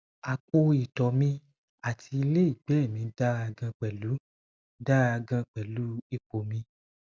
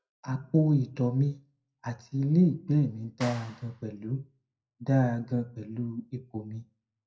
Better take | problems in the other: first | noise reduction (classical method WPE with log-MMSE)

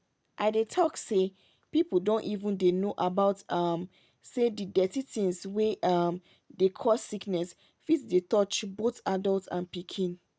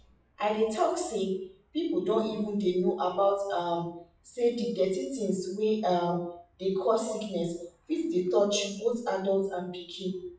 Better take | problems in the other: first | noise reduction (classical method WPE with log-MMSE)

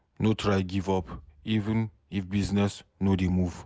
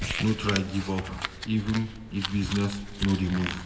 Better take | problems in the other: first | background sound (Crumpling, crinkling); 7 dB below the speech // room echo; dies away in 1.3 s

